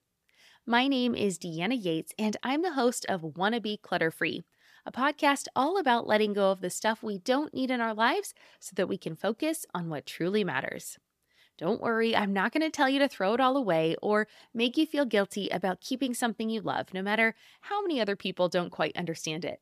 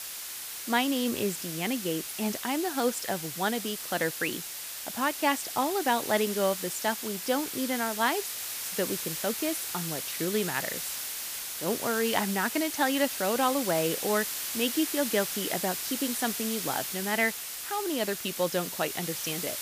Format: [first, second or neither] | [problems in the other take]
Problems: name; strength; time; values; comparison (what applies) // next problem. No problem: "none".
first | hiss; loud; throughout; 3 dB below the speech